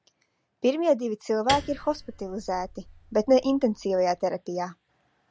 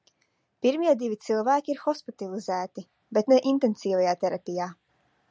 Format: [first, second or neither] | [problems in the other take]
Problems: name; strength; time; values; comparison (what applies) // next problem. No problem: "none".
second | background sound (Piano); 13 dB below the speech